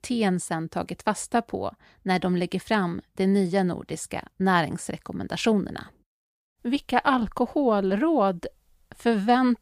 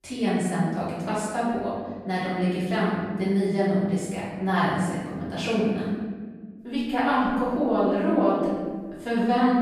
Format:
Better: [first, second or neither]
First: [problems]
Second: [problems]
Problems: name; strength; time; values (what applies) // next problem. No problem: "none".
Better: first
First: none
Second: off-mic speech; far // room echo; strong; dies away in 1.5 s